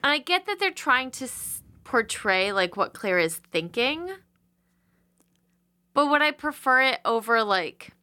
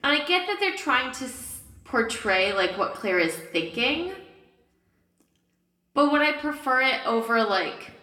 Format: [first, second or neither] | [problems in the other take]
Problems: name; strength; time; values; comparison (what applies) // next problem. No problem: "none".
first | room echo; slight; dies away in 0.6 s // off-mic speech; somewhat distant